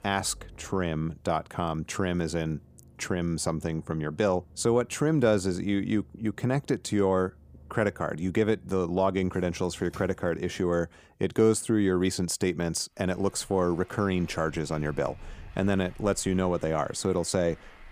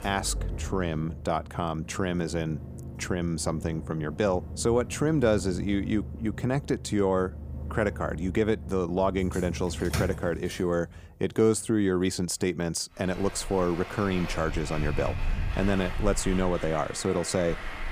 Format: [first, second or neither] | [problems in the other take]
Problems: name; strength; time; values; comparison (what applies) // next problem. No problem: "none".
first | traffic noise; loud; throughout; 9 dB below the speech; faint in the first